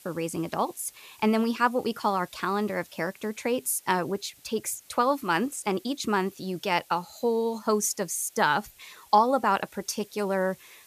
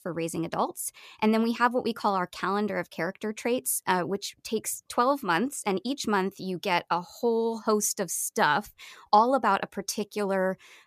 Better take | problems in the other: second | hiss; faint; throughout; 25 dB below the speech

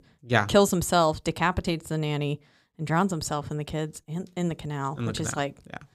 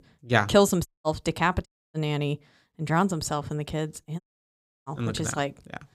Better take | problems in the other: first | audio cutting out; at 1 s, at 1.5 s and at 4 s for 0.5 s

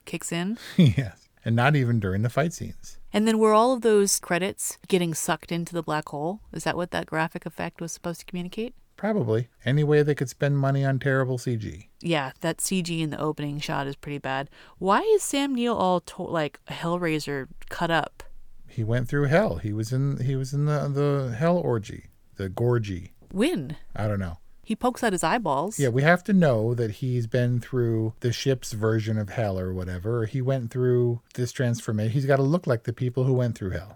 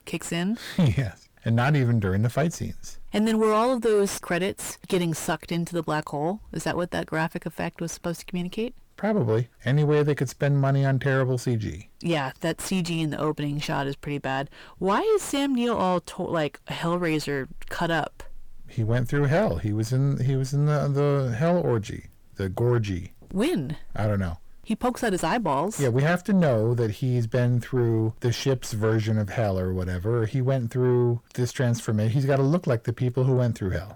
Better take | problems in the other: first | distortion; slight; 10 dB below the speech

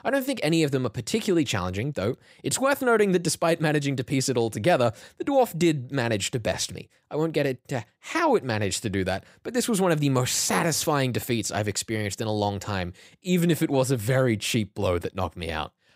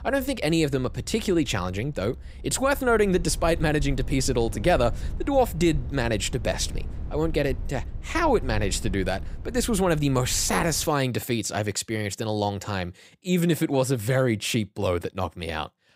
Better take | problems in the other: first | low rumble; faint; until 11 s; 25 dB below the speech

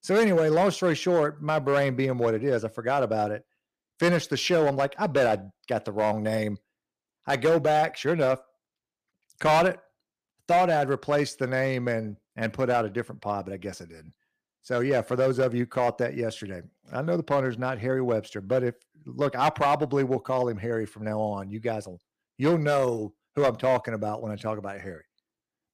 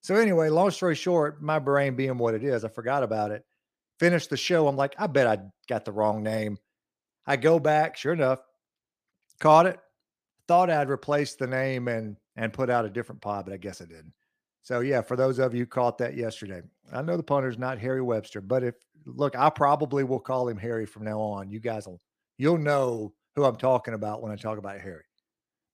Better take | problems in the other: second | distortion; slight; 4% of the sound clipped

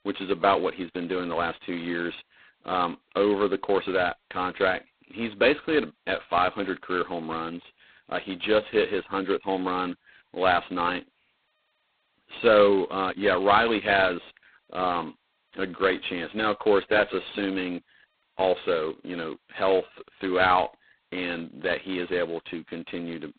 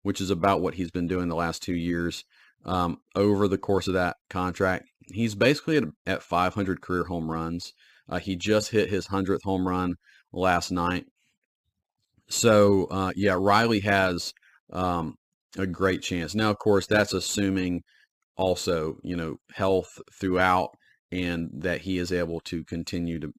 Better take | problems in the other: second | phone-call audio; poor line; nothing above 4 kHz

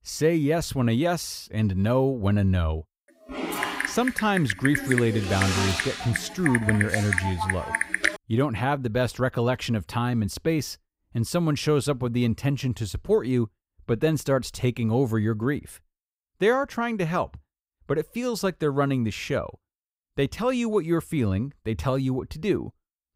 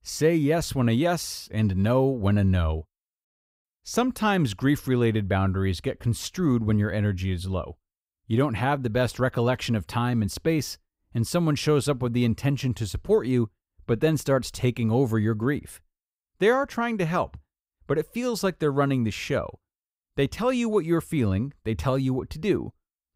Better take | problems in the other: second | keyboard typing; loud; from 3.5 to 8 s; peak 2 dB above the speech

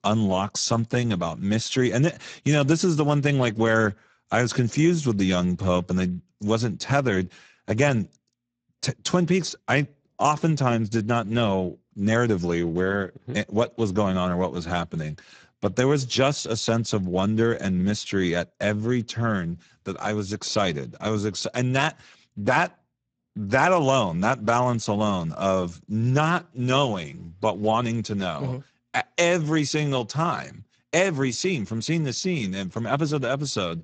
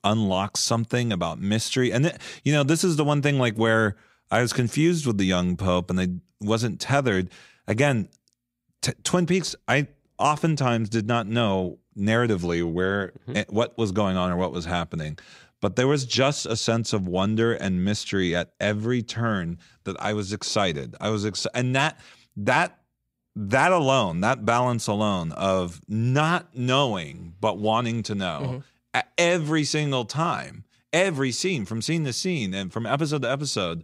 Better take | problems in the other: second | garbled, watery; badly; nothing above 7.5 kHz

